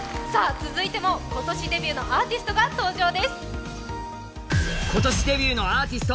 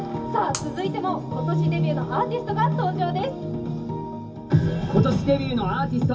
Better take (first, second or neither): first